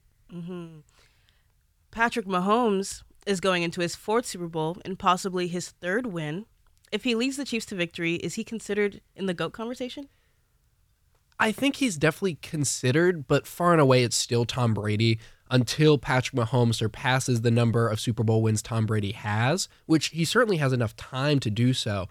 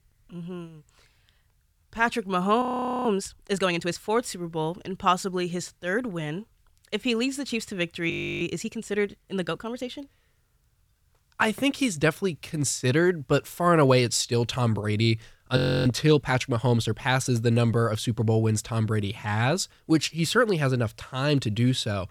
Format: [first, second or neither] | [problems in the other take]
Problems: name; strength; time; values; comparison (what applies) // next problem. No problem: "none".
first | audio freezing; at 2.5 s, at 8 s and at 16 s